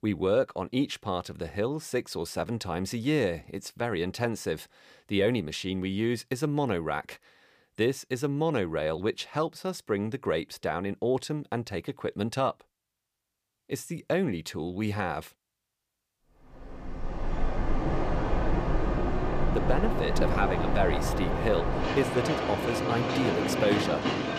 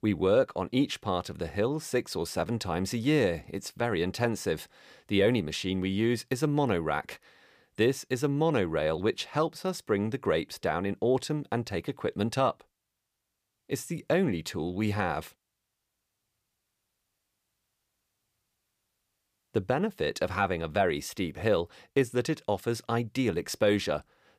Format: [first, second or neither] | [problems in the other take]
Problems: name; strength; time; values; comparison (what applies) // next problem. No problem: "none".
second | train or aircraft noise; very loud; from 17 s on; as loud as the speech